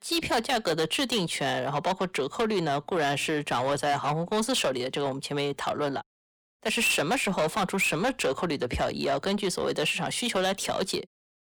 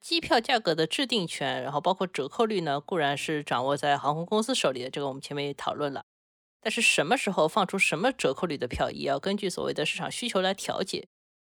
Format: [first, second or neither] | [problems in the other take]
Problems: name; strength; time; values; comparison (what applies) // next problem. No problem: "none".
second | distortion; heavy; 8 dB below the speech